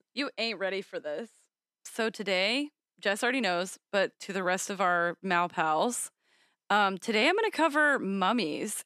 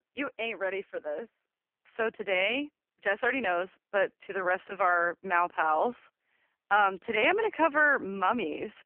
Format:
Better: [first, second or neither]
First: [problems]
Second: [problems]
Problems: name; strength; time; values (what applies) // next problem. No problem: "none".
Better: first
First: none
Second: phone-call audio; poor line; nothing above 3 kHz